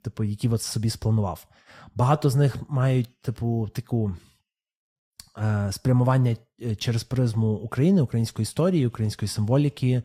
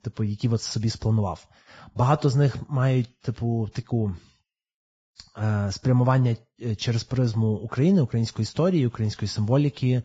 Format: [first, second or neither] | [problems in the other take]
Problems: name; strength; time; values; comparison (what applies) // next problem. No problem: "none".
first | garbled, watery; badly; nothing above 7.5 kHz; slightly in the first